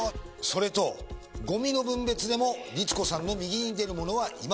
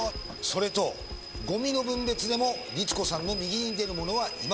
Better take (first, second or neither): first